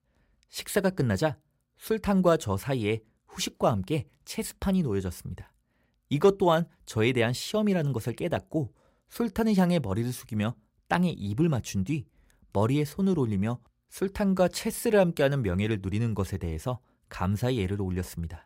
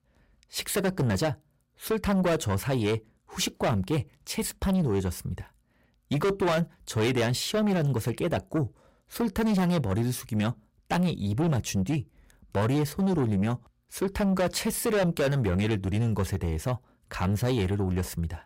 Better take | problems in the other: first | distortion; heavy; 8 dB below the speech

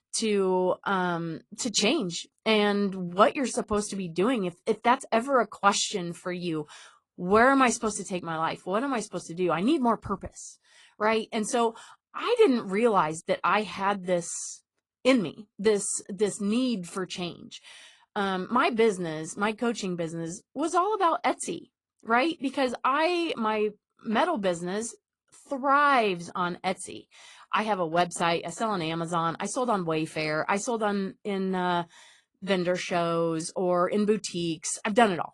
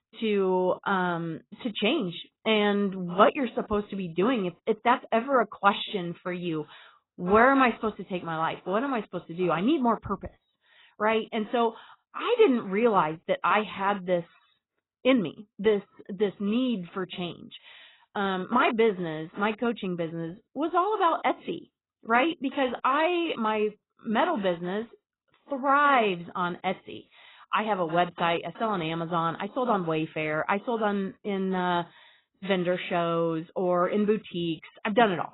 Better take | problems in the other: first | garbled, watery; badly; nothing above 4 kHz; slightly in the first

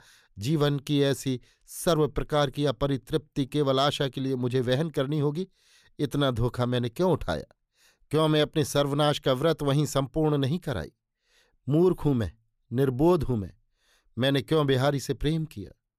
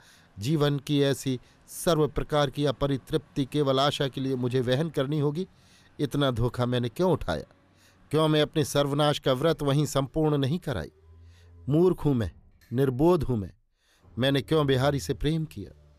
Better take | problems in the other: first | traffic noise; faint; throughout; 30 dB below the speech

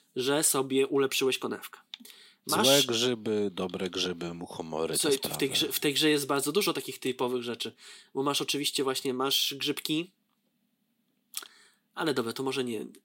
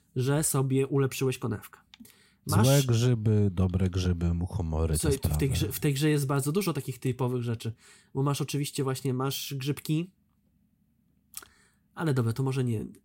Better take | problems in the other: second | thin; somewhat; fading below 300 Hz

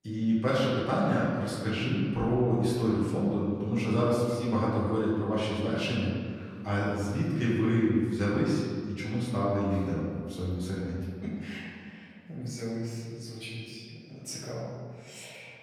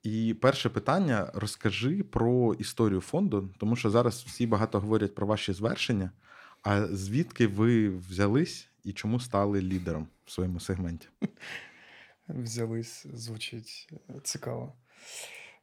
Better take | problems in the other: second | room echo; noticeable; dies away in 1.8 s // off-mic speech; far

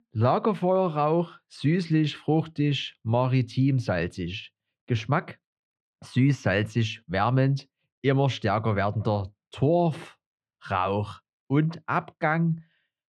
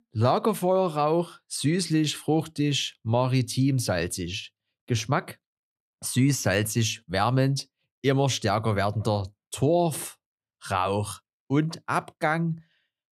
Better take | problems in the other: second | muffled; slightly; fading above 2.5 kHz

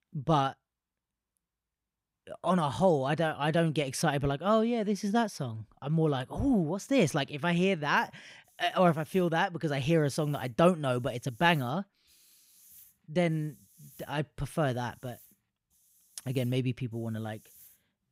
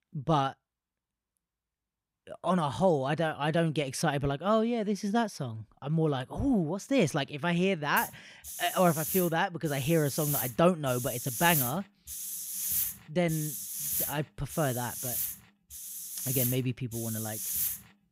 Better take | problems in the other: first | hiss; loud; from 8 s on; 3 dB below the speech; faint in the first

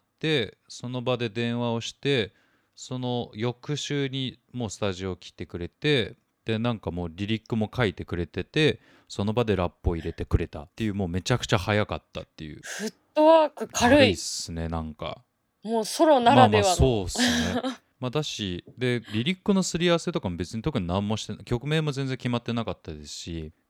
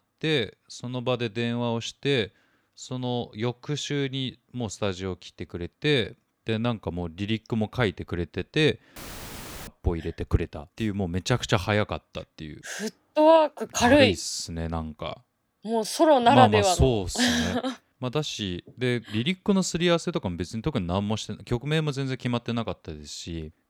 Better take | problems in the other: first | audio cutting out; filled with static; at 9 s for 0.5 s

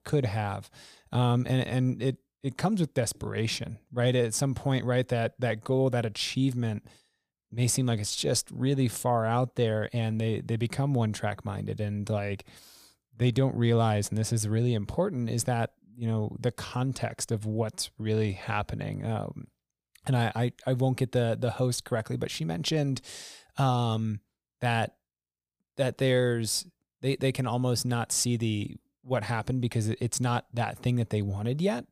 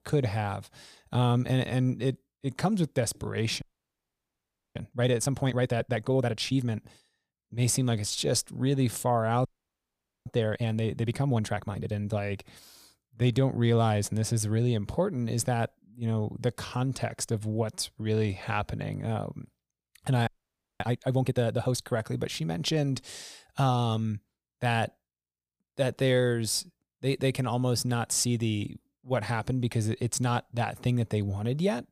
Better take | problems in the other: first | audio freezing; at 3.5 s for 1 s, at 9.5 s for 1 s and at 20 s for 0.5 s

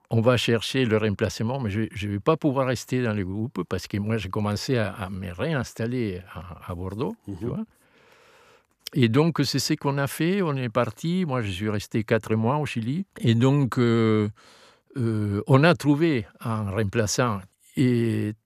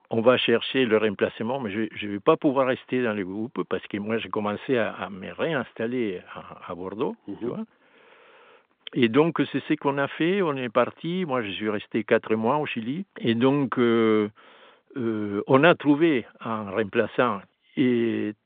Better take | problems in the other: first | phone-call audio; nothing above 3.5 kHz

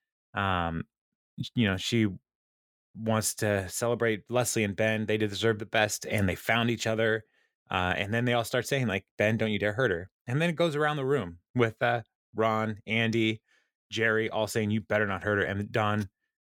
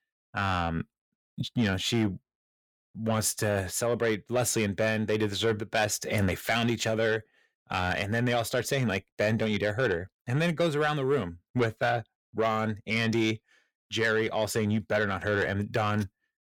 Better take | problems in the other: first | distortion; slight; 10 dB below the speech

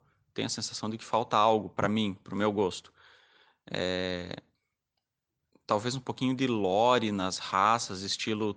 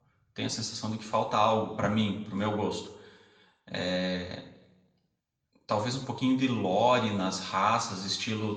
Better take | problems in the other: first | room echo; slight; dies away in 0.7 s // off-mic speech; somewhat distant

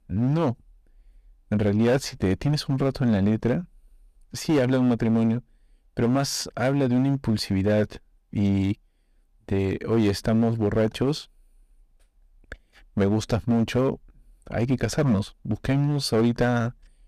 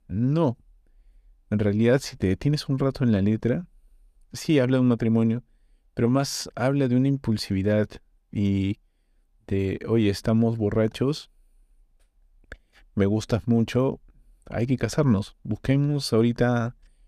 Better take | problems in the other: second | distortion; slight; 7% of the sound clipped

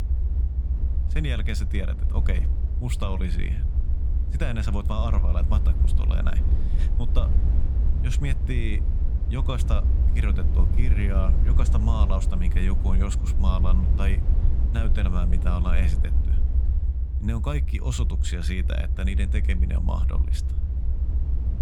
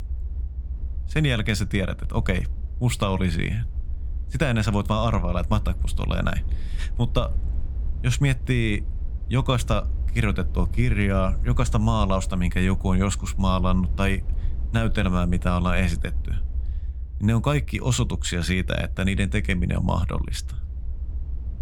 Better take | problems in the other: second | low rumble; loud; throughout; 7 dB below the speech; faint in the second

